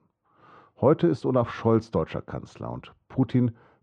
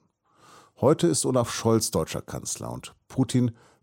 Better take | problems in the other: second | muffled; very; fading above 2.5 kHz

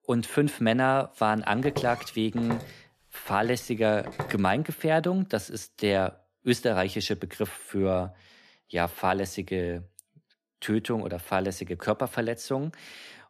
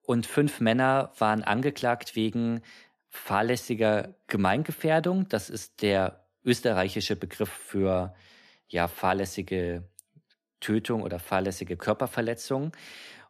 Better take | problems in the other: second | footsteps; noticeable; from 1.5 to 4.5 s; peak 7 dB below the speech

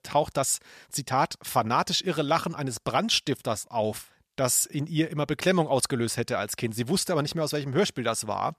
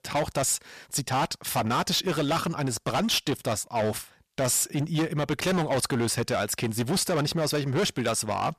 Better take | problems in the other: first | distortion; heavy; 17% of the sound clipped

